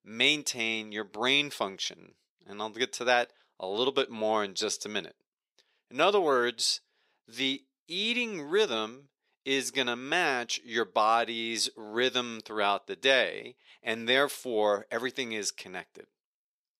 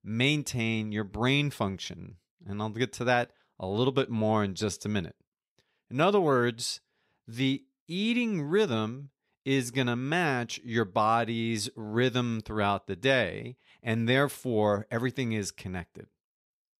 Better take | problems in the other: second | thin; somewhat; fading below 400 Hz

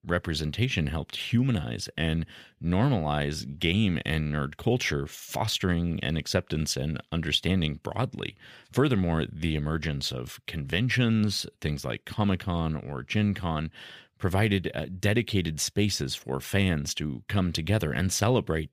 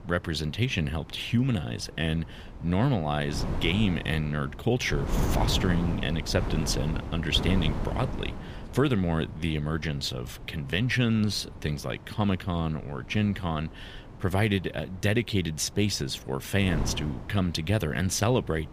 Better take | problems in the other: first | wind noise on the microphone; occasional gusts; 10 dB below the speech

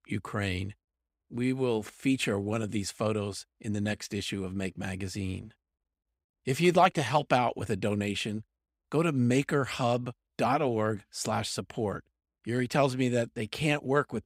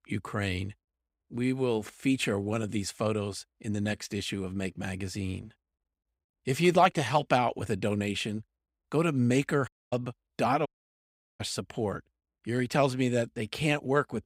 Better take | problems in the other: first | audio cutting out; at 9.5 s and at 11 s for 0.5 s

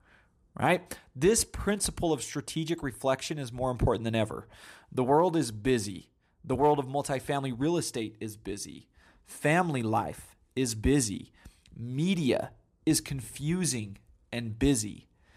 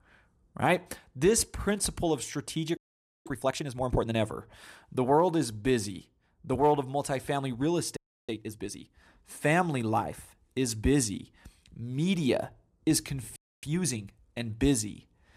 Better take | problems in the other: first | audio freezing; at 3 s, at 8 s and at 13 s

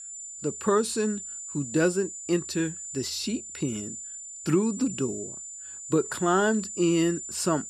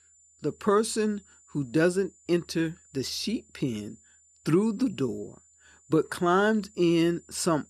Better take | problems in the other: second | high-pitched whine; loud; throughout; 7 kHz, 8 dB below the speech; faint in the second

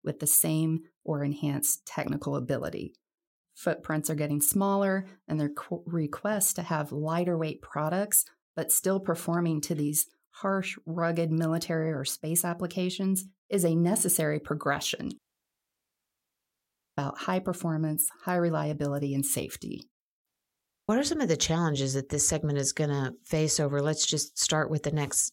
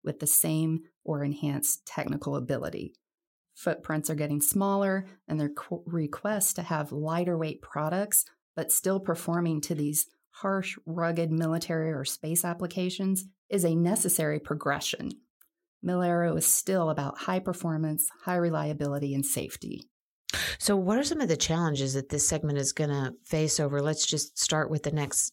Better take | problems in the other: second | audio cutting out; at 15 s for 2 s and at 20 s for 0.5 s

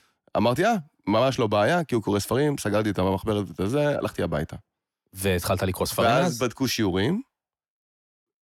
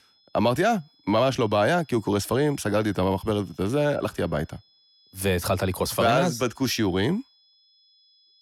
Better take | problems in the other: first | high-pitched whine; faint; throughout; 5 kHz, 30 dB below the speech

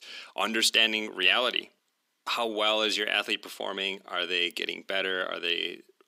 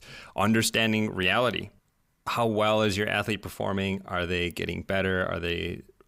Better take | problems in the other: second | thin; somewhat; fading below 300 Hz

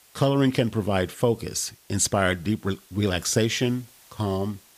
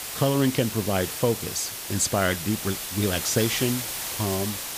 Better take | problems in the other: first | hiss; loud; throughout; 4 dB below the speech; faint in the first

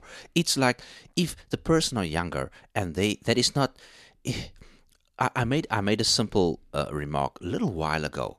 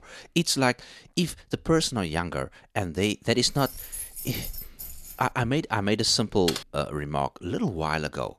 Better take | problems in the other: first | jangling keys; noticeable; from 3.5 to 5.5 s; peak 8 dB below the speech // keyboard typing; noticeable; at 6.5 s; peak 5 dB below the speech

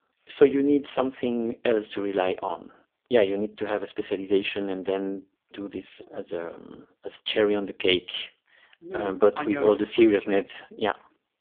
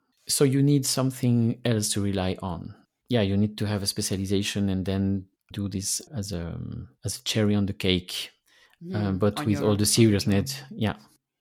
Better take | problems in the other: second | phone-call audio; poor line; nothing above 3.5 kHz

